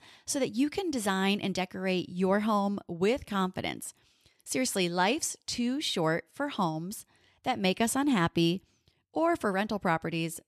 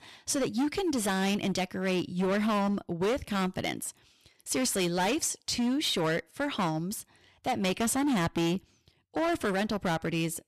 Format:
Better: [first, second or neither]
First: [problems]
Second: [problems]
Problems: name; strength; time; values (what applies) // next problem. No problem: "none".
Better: first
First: none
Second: distortion; heavy; 16% of the sound clipped